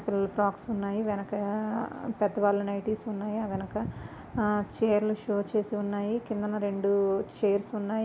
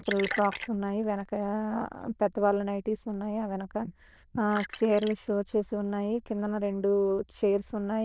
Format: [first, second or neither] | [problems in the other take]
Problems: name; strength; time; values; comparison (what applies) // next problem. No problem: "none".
first | noise reduction (neural diffusion model UNIVERSE++)